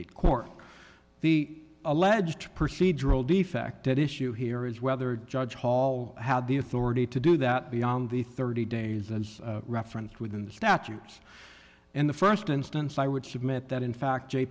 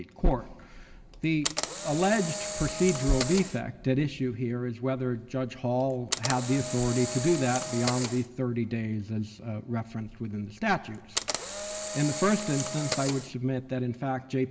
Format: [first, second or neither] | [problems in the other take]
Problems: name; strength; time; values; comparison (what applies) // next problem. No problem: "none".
first | background sound (Camera); 7 dB below the speech // room echo; dies away in 1.6 s